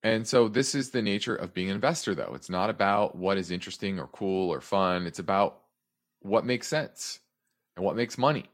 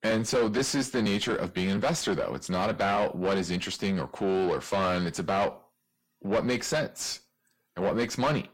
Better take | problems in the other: first | distortion; heavy; 6 dB below the speech

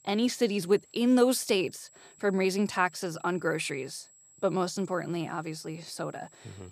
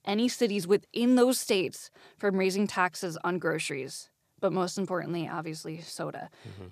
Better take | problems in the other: second | high-pitched whine; faint; throughout; 7.5 kHz, 25 dB below the speech

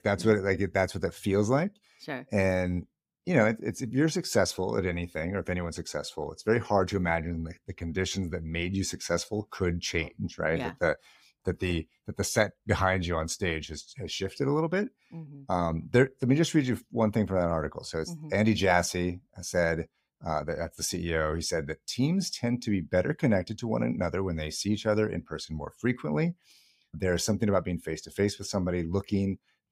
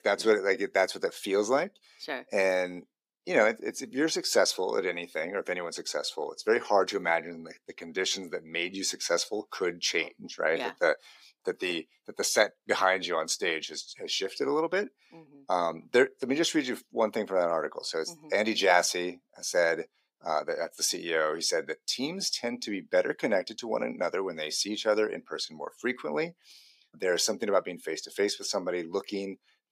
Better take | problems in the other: first | thin; somewhat; fading below 350 Hz

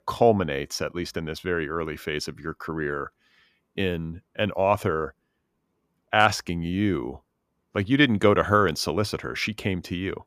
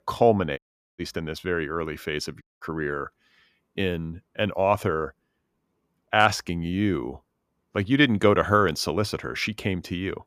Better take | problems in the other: first | audio cutting out; at 0.5 s and at 2.5 s

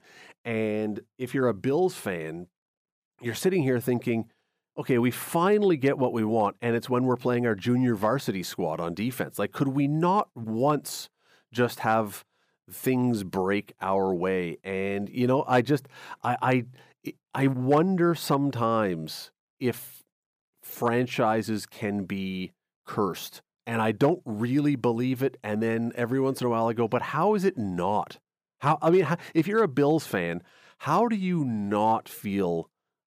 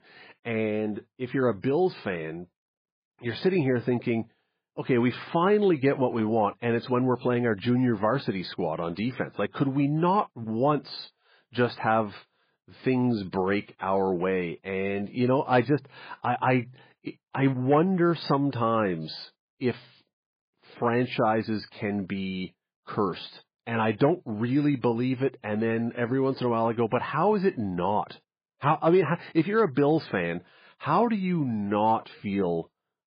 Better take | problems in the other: first | garbled, watery; badly; nothing above 4.5 kHz

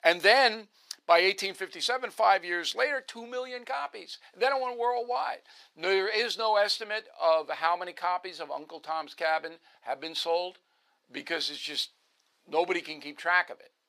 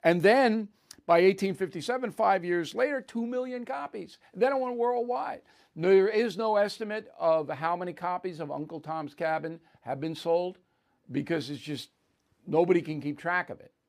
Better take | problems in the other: second | thin; very; fading below 700 Hz

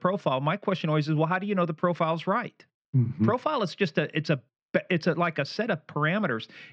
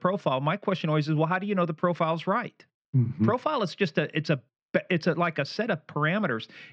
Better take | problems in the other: neither | muffled; slightly; fading above 4 kHz; the same in both

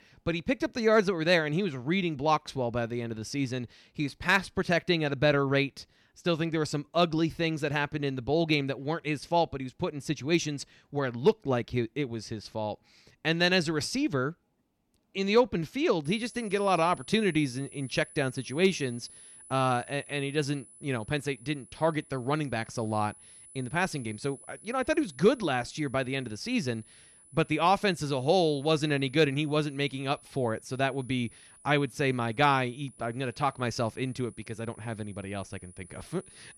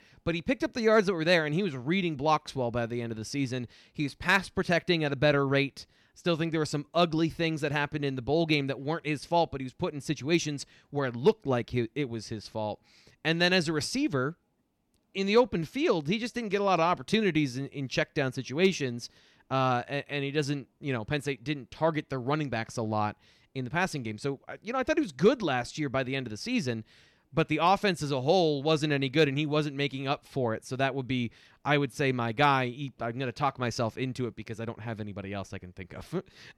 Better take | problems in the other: second | high-pitched whine; faint; from 16 s on; 10 kHz, 20 dB below the speech

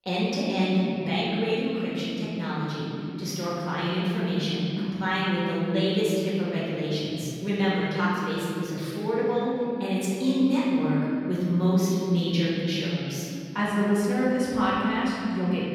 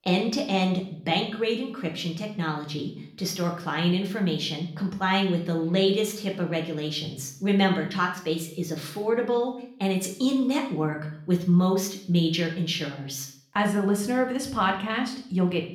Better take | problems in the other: second | room echo; strong; dies away in 2.6 s; slight in the second // off-mic speech; far; somewhat distant in the second

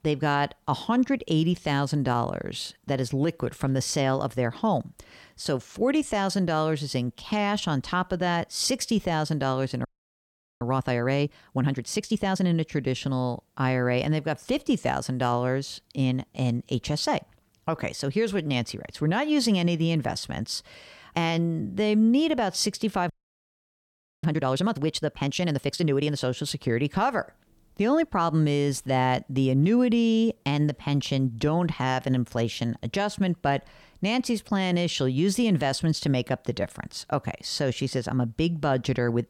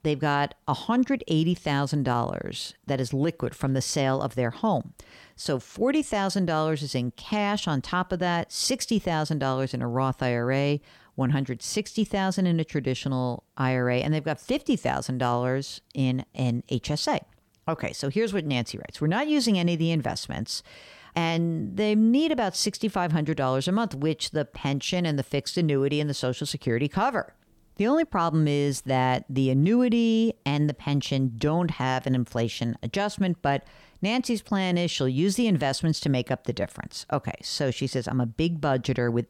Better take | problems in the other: second | audio freezing; at 10 s for 1 s and at 23 s for 1 s

